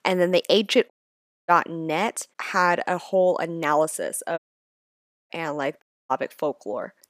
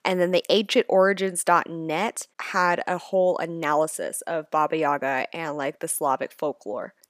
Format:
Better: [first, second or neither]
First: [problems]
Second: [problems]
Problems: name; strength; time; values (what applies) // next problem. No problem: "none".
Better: second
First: audio cutting out; at 1 s for 0.5 s, at 4.5 s for 1 s and at 6 s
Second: none